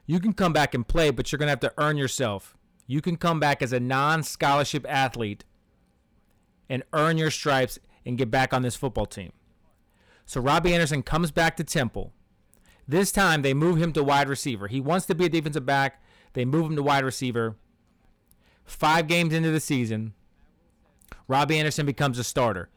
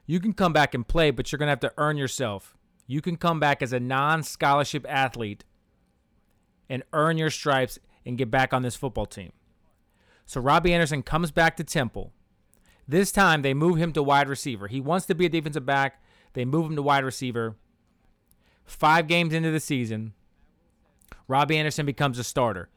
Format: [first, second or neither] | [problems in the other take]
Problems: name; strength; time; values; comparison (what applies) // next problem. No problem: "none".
second | distortion; slight; 6% of the sound clipped